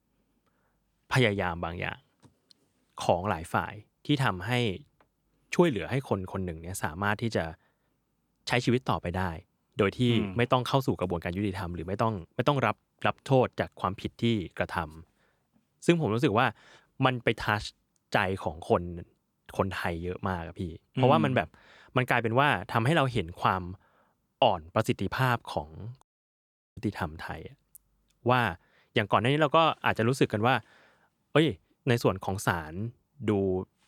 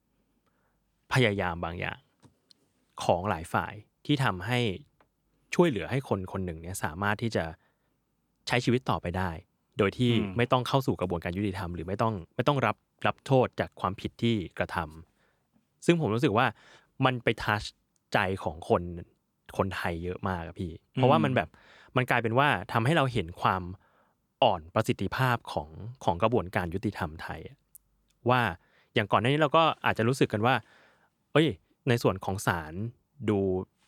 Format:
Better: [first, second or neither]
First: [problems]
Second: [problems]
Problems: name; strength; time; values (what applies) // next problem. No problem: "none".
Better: second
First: audio cutting out; at 26 s for 1 s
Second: none